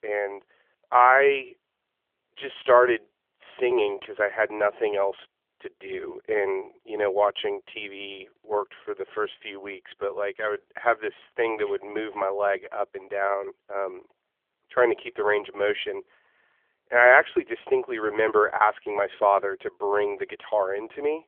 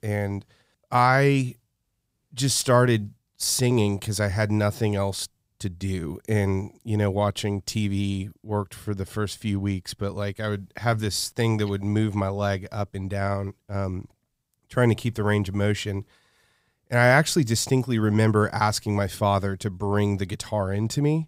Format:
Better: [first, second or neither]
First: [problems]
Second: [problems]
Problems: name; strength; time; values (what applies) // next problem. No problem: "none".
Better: second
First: phone-call audio; nothing above 3.5 kHz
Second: none